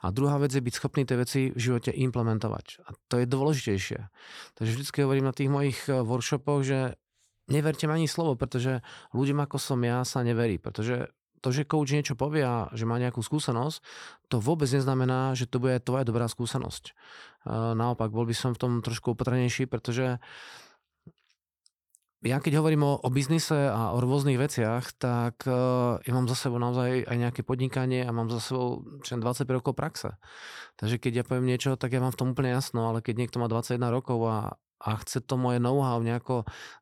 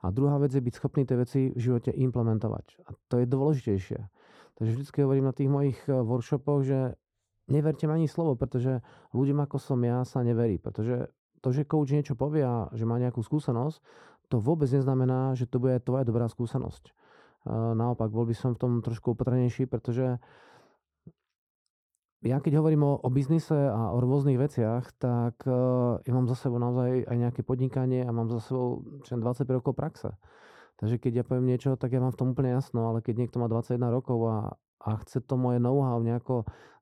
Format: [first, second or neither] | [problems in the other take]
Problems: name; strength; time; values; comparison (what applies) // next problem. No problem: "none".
first | muffled; very; fading above 1 kHz